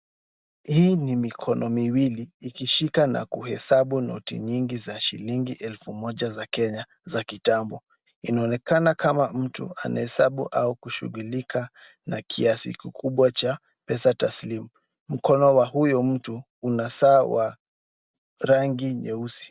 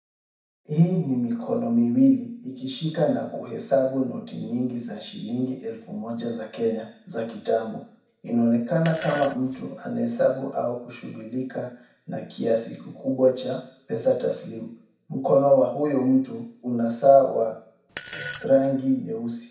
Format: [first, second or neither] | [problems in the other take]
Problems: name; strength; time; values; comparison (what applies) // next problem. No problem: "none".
first | background sound (Fart); 13 dB below the speech // room echo; dies away in 0.6 s